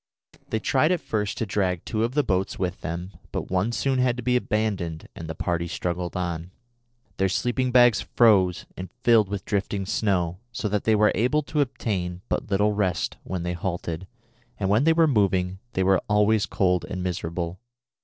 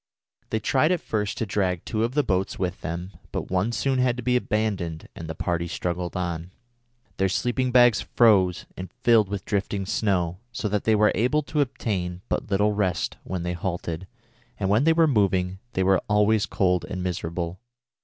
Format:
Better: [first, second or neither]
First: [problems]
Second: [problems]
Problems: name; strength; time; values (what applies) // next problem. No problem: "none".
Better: second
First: noise reduction (neural separator model SepFormer DNS4)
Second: none